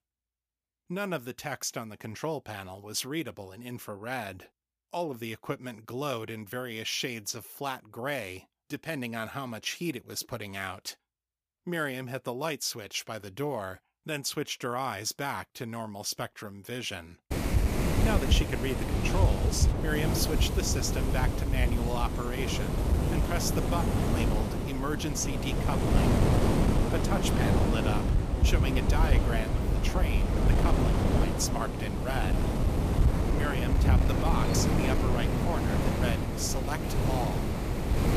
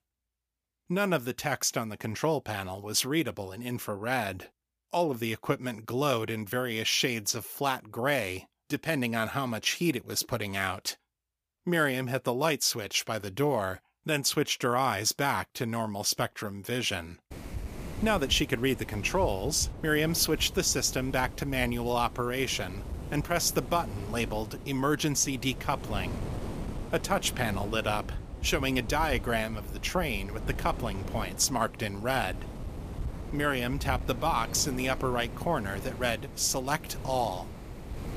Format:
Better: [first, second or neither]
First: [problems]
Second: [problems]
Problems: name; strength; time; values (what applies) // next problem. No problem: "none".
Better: second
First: wind noise on the microphone; heavy; from 17 s on; as loud as the speech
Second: wind noise on the microphone; occasional gusts; from 17 s on; 15 dB below the speech